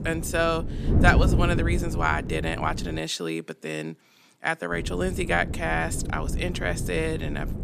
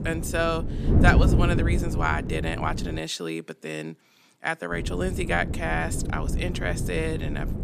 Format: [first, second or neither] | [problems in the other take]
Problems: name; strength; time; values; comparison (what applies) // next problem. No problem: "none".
first | wind noise on the microphone; heavy; until 3 s and from 4.5 s on; 8 dB below the speech; occasional gusts in the first